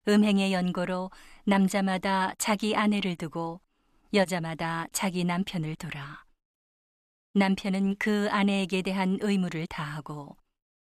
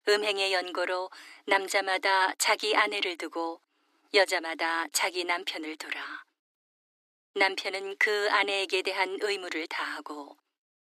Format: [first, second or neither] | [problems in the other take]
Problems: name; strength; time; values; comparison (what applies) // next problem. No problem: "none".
first | thin; very; fading below 300 Hz